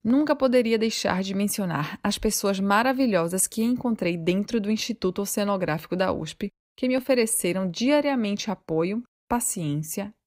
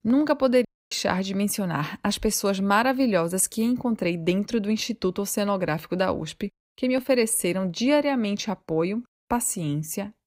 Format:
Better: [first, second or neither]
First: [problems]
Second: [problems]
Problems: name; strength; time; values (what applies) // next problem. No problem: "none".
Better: first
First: none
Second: audio cutting out; at 0.5 s